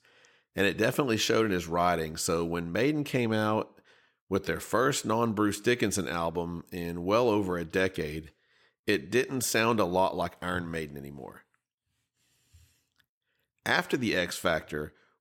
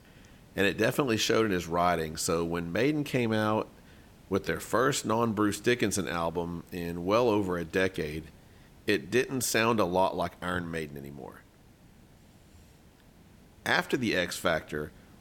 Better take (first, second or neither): first